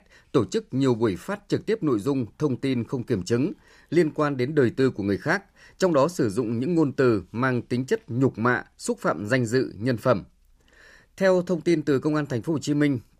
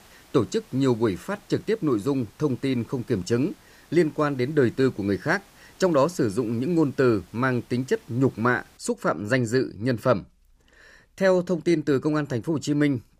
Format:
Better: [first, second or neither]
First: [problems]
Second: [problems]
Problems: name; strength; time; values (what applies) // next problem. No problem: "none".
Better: first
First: none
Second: hiss; faint; until 9 s; 30 dB below the speech